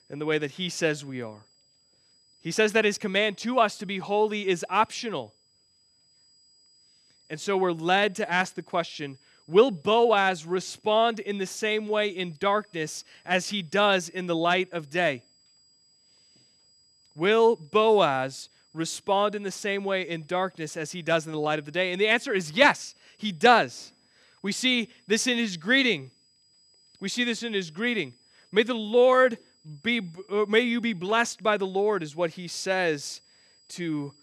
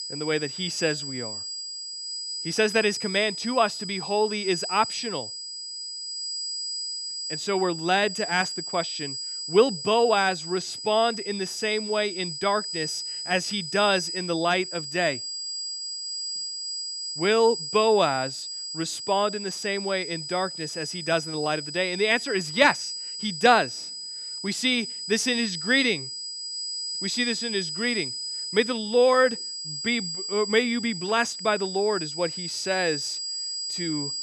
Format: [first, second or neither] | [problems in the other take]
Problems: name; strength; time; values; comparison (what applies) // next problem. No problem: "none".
first | high-pitched whine; loud; throughout; 5 kHz, 6 dB below the speech; faint in the first